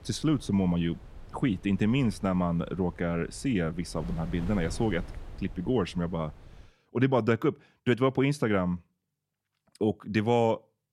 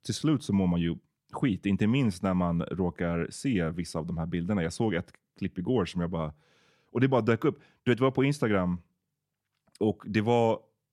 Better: second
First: wind noise on the microphone; occasional gusts; until 6.5 s; 20 dB below the speech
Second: none

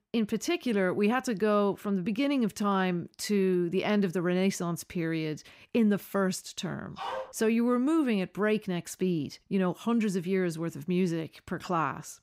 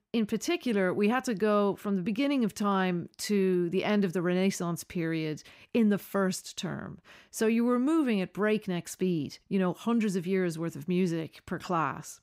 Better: second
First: dog barking; noticeable; at 7 s; peak 8 dB below the speech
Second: none

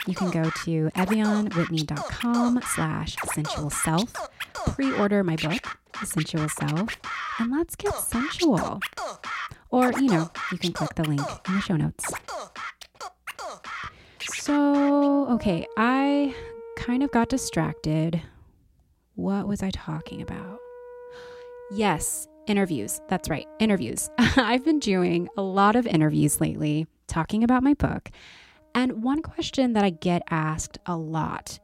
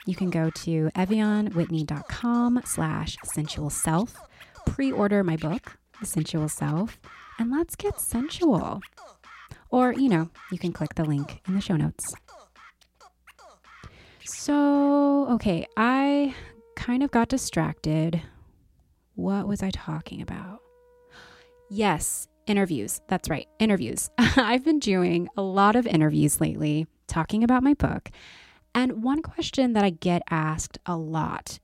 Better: second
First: background music; loud; throughout; 10 dB below the speech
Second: background music; faint; throughout; 25 dB below the speech

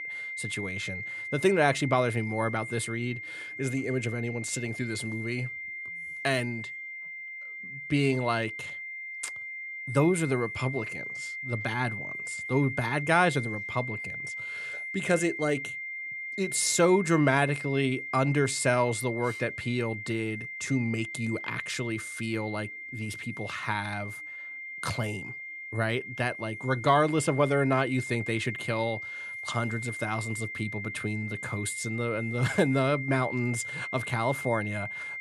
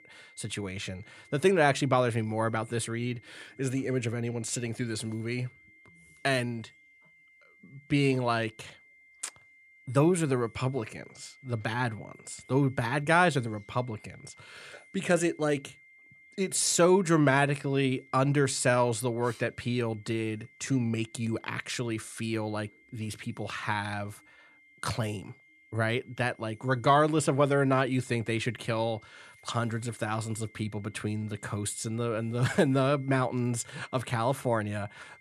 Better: second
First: high-pitched whine; loud; throughout; 2 kHz, 7 dB below the speech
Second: high-pitched whine; faint; throughout; 2 kHz, 25 dB below the speech

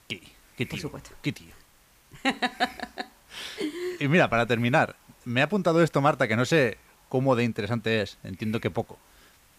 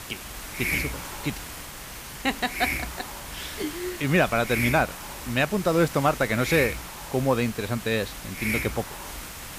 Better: first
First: hiss; faint; throughout; 25 dB below the speech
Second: hiss; loud; throughout; 6 dB below the speech

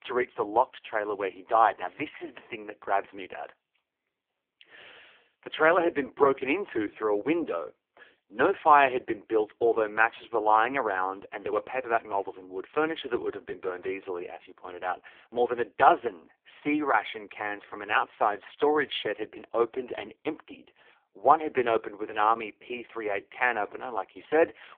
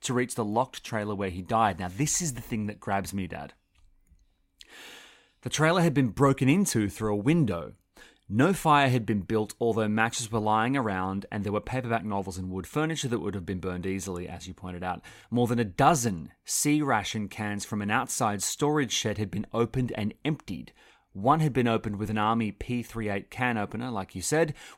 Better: second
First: phone-call audio; poor line; nothing above 3.5 kHz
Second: none

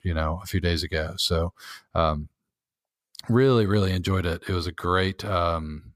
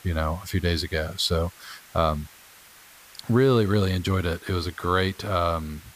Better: first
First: none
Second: hiss; faint; throughout; 25 dB below the speech

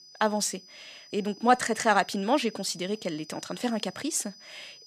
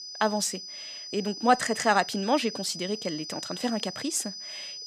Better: first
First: high-pitched whine; faint; throughout; 5 kHz, 20 dB below the speech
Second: high-pitched whine; loud; throughout; 5 kHz, 9 dB below the speech

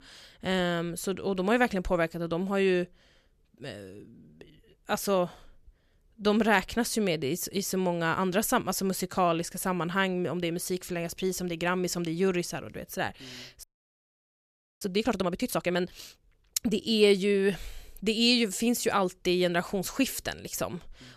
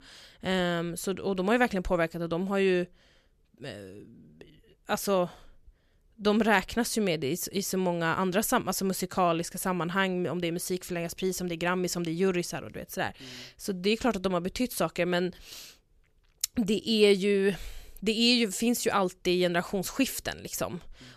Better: second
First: audio freezing; at 14 s for 1 s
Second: none

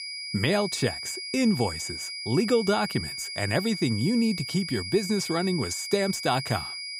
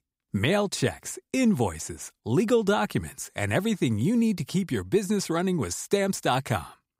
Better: second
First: high-pitched whine; loud; throughout; 5 kHz, 6 dB below the speech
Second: none

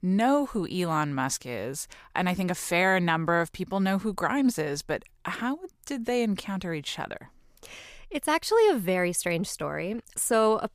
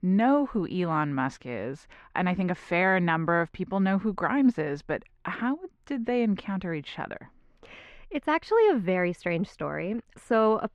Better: first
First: none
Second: muffled; very; fading above 2 kHz

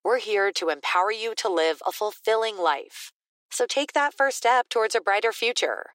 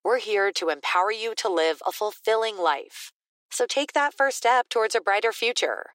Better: neither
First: thin; very; fading below 350 Hz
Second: thin; very; fading below 350 Hz

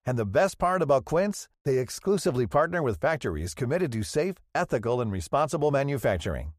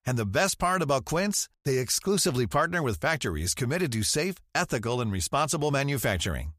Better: second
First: muffled; slightly; fading above 2 kHz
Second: none

